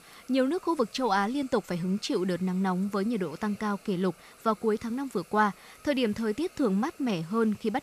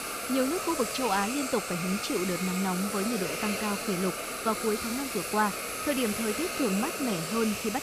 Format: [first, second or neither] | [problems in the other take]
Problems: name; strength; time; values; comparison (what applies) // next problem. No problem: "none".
first | hiss; loud; throughout; 2 dB below the speech; faint in the first